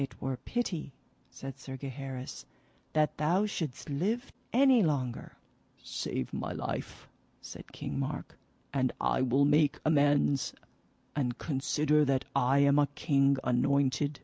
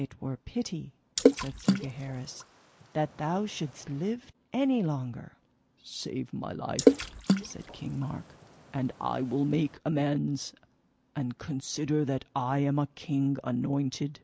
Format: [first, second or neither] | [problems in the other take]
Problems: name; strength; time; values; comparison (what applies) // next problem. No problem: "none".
first | noise reduction (neural mask model Resemble Enhance denoiser)